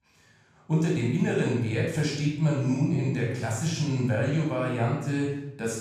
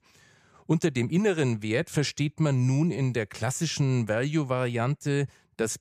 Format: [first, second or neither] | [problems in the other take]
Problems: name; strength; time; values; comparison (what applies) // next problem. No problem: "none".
second | off-mic speech; far // room echo; noticeable; dies away in 0.7 s